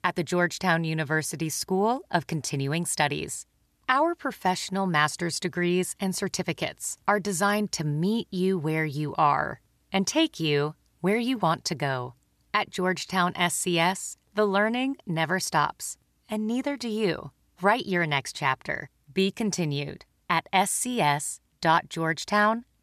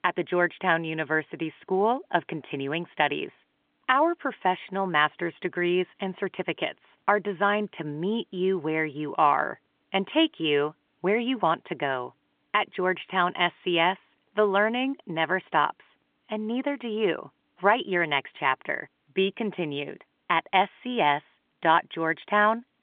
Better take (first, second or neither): first